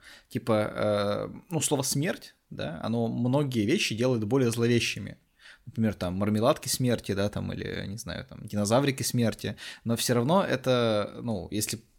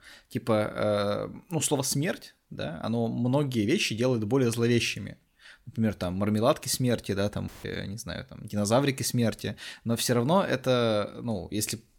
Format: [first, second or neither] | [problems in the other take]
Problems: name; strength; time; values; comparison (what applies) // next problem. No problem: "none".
first | audio cutting out; filled with static; at 7.5 s